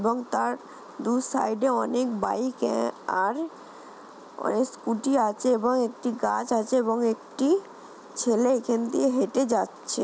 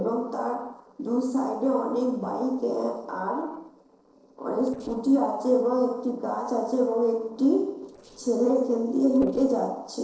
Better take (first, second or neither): first